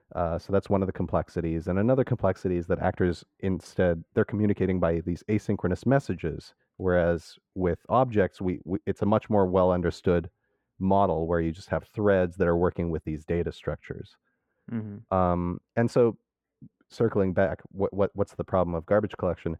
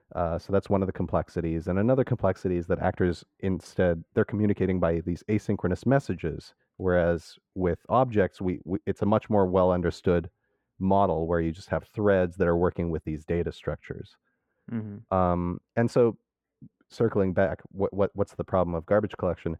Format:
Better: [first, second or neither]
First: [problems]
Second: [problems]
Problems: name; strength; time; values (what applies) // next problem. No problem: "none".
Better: neither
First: muffled; very; fading above 3 kHz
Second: muffled; very; fading above 3 kHz